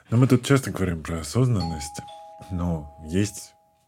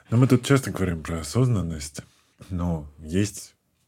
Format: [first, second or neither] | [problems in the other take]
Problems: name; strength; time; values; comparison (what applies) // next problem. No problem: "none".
second | doorbell; faint; from 1.5 to 3 s; peak 10 dB below the speech